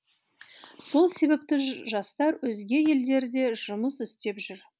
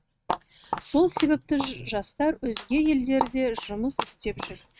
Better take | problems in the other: first | noise reduction (neural mask model RNNoise)

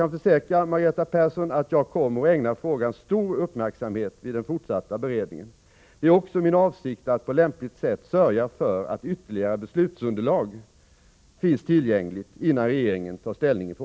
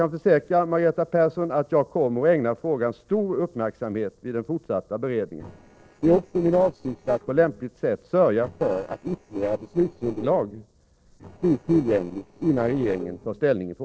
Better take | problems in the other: first | noise reduction (neural separator model SepFormer DNS4)

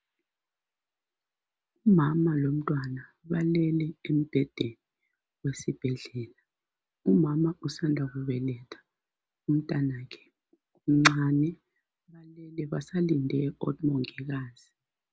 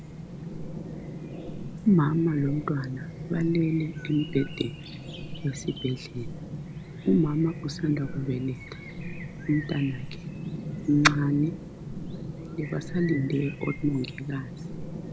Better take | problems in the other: first | background sound (Chirp, tweet); 8 dB below the speech

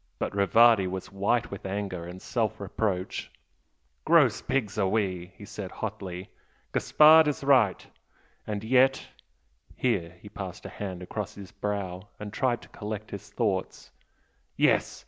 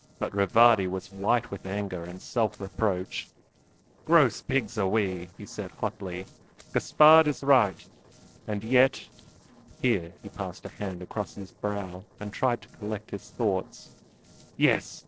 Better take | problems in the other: first | noise reduction (neural separator model SepFormer DNS4)

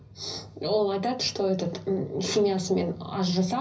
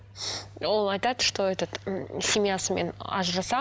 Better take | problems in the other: second | room echo; dies away in 0.5 s

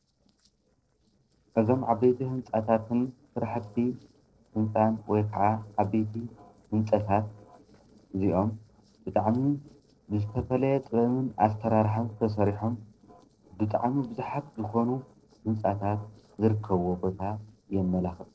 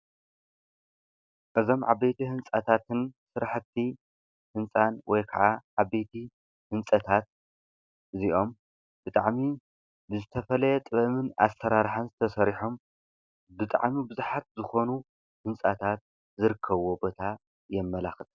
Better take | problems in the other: second | noise reduction (neural separator model SepFormer DNS4)

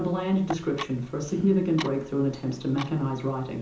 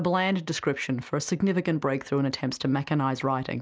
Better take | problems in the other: second | background sound (Clock); 15 dB below the speech // room echo; dies away in 0.6 s

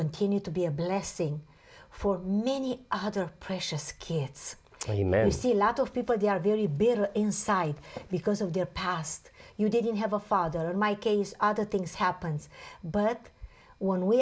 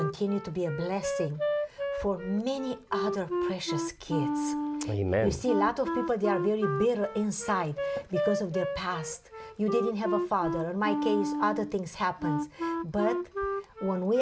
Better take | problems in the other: first | background sound (Wind instrument, woodwind instrument); 3 dB below the speech

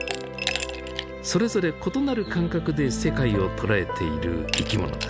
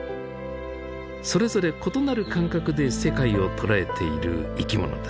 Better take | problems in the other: second | background sound (Glass); 11 dB below the speech

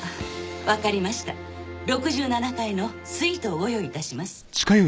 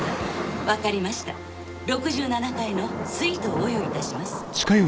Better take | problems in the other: first | background sound (Thunder / Rain); 6 dB below the speech

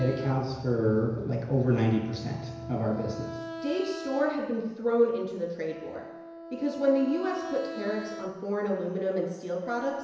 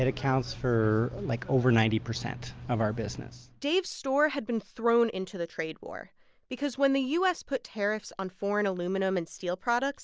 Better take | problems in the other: second | background sound (Wind instrument, woodwind instrument); 13 dB below the speech // room echo; dies away in 1 s

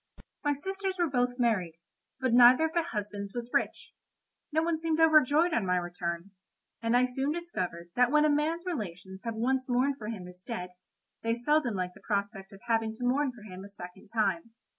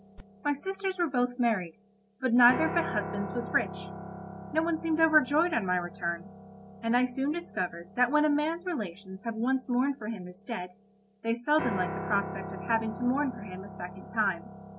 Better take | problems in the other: first | background sound (Piano); 11 dB below the speech

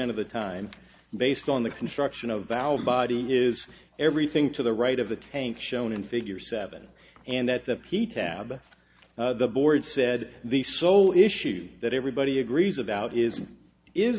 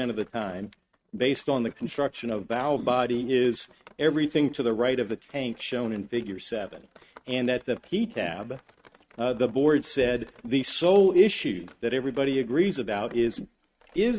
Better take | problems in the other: first | noise reduction (neural mask model RNNoise)

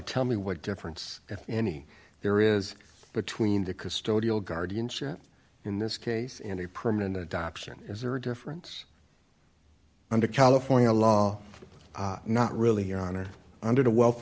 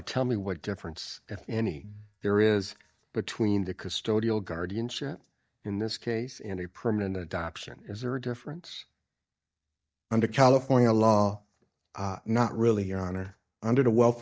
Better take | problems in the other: first | noise reduction (neural mask model DeepFilterNet 3)

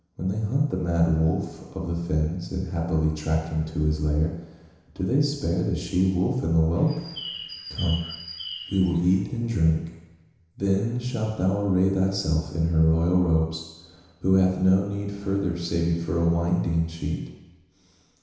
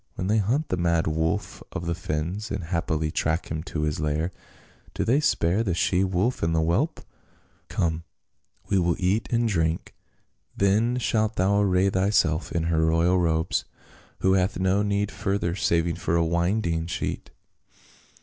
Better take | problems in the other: second | background sound (Bird); 13 dB below the speech // room echo; dies away in 1 s

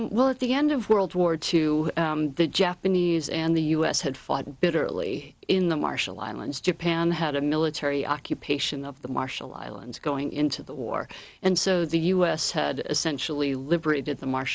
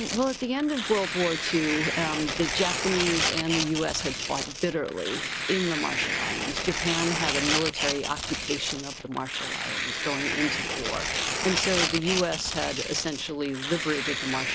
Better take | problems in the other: first | background sound (Tearing); 1 dB below the speech

